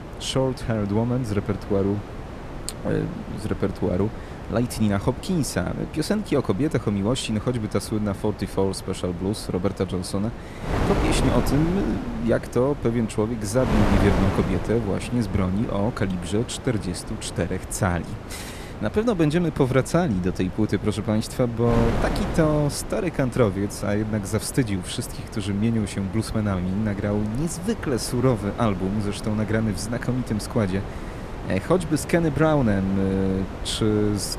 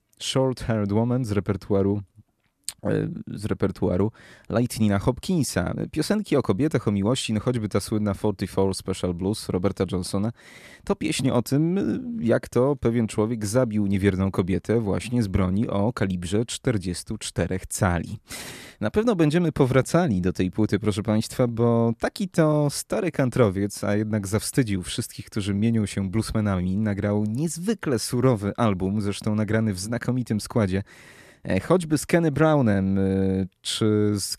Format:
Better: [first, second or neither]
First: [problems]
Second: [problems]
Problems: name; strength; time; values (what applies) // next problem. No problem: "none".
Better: second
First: wind noise on the microphone; heavy; 8 dB below the speech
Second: none